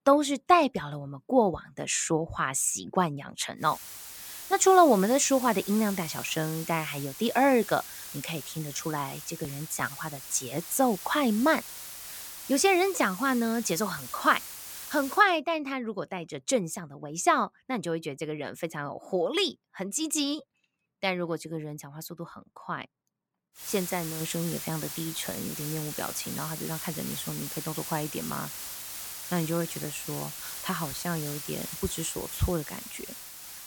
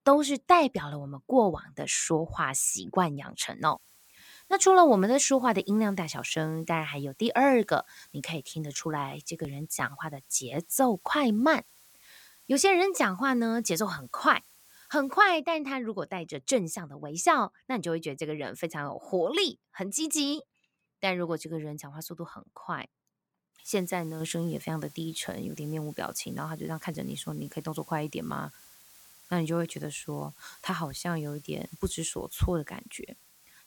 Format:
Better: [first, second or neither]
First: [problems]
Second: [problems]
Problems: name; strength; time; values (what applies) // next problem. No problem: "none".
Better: second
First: hiss; loud; from 3.5 to 15 s and from 24 s on; 9 dB below the speech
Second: hiss; faint; from 3.5 to 15 s and from 24 s on; 25 dB below the speech